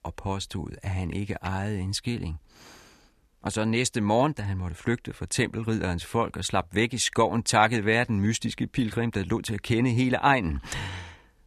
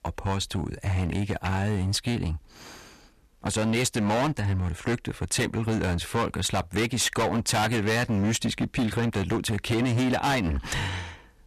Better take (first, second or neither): first